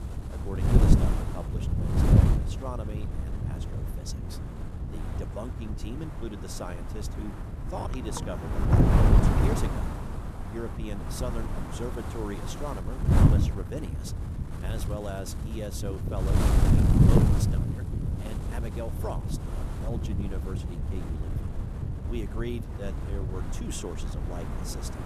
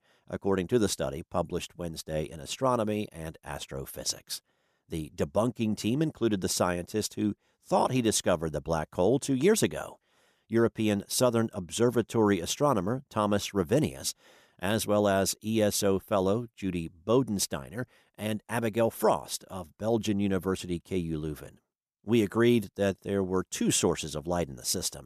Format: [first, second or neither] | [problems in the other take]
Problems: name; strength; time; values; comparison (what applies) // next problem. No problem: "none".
second | wind noise on the microphone; heavy; 3 dB above the speech